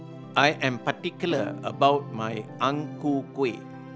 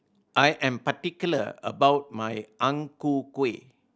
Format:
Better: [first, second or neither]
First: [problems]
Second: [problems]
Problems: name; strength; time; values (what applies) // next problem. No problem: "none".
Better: second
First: background sound (Organ + Bowed string instrument); 12 dB below the speech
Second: none